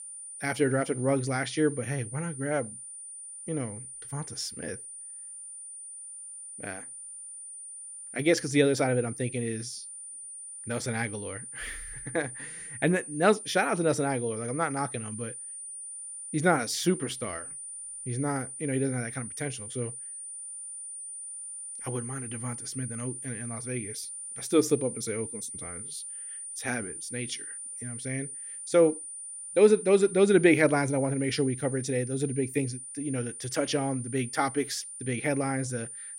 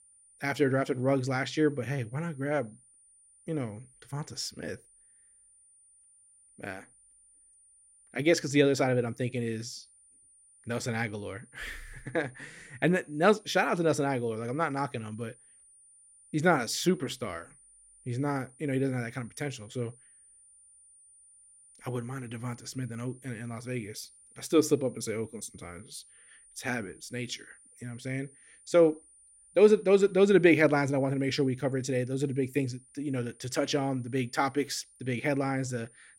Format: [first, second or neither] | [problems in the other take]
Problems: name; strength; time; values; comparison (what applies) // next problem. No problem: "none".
second | high-pitched whine; loud; throughout; 9.5 kHz, 9 dB below the speech; faint in the second